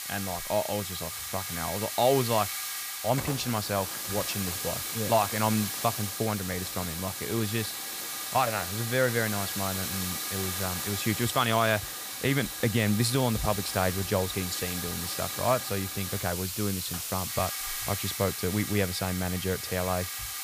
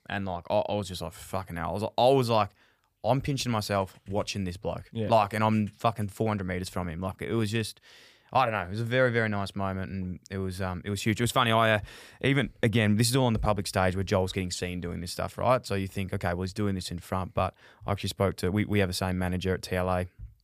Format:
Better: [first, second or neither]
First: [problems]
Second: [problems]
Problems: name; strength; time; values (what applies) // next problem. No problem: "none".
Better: second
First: hiss; loud; throughout; 3 dB below the speech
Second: none